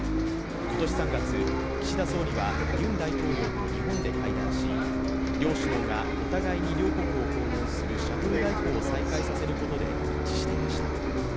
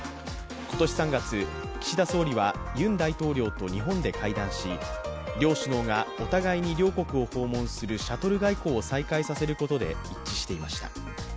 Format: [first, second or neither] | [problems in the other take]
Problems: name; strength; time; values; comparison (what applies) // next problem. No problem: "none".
second | background sound (Bus); 5 dB above the speech